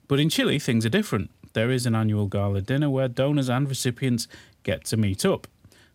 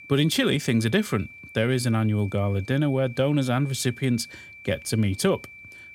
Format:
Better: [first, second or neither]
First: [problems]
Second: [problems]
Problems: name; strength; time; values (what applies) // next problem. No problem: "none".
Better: first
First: none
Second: high-pitched whine; noticeable; throughout; 2.5 kHz, 20 dB below the speech